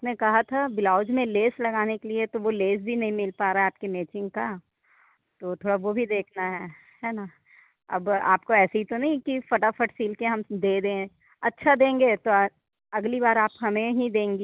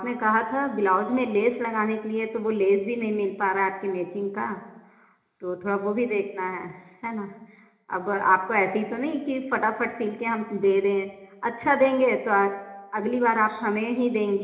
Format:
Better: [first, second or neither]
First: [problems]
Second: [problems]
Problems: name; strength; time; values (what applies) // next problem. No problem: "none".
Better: first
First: none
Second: room echo; dies away in 0.8 s